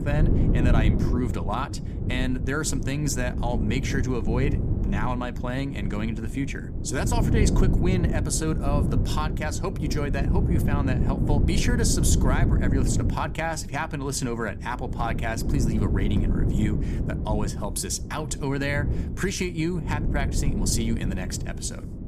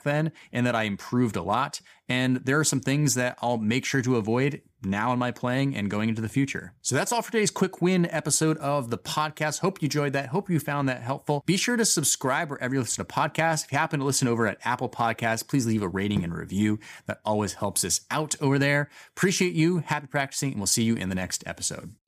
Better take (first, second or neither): second